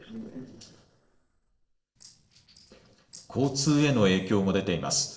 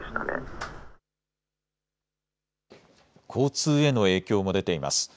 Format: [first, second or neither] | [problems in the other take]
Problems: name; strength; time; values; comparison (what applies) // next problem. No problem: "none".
second | noise reduction (neural separator model SepFormer DNS4)